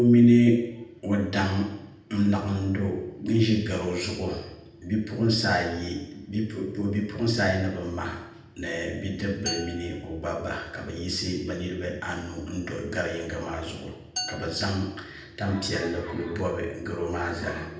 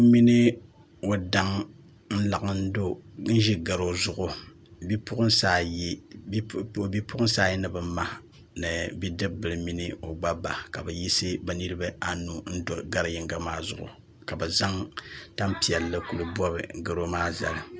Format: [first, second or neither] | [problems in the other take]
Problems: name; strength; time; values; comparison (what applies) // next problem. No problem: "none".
second | background sound (Glass); 15 dB below the speech // room echo; dies away in 0.8 s